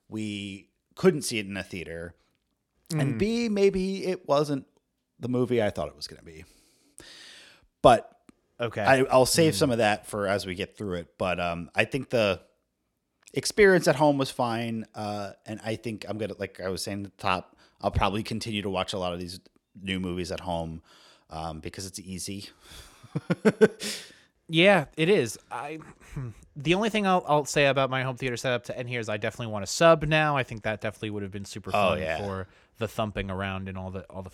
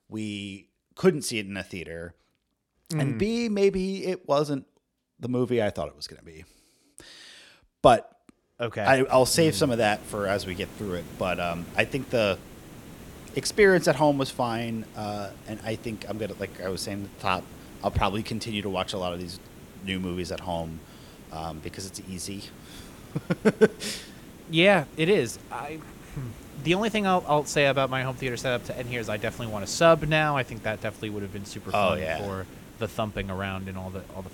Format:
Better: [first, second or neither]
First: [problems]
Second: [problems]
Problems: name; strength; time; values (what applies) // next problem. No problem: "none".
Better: first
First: none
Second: hiss; noticeable; from 9 s on; 20 dB below the speech